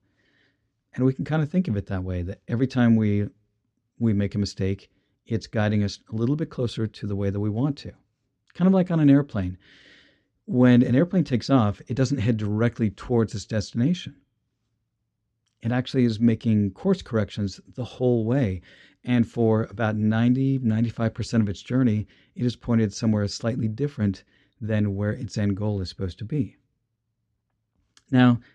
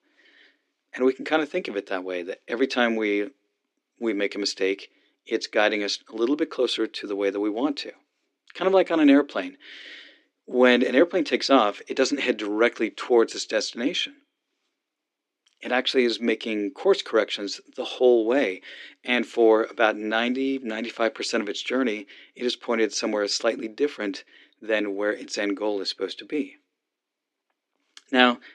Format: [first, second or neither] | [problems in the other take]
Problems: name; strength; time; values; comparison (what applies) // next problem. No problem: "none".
first | thin; somewhat; fading below 300 Hz